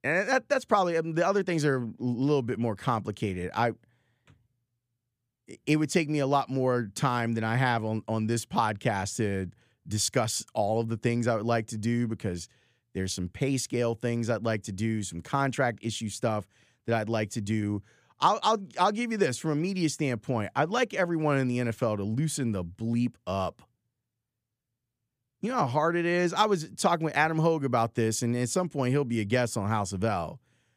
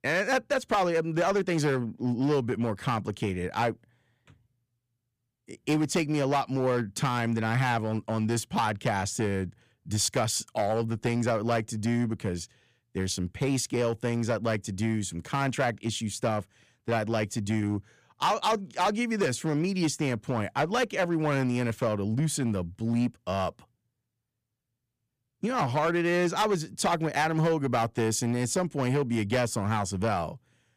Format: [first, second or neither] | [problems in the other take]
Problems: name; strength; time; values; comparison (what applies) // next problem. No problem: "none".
first | distortion; slight; 7% of the sound clipped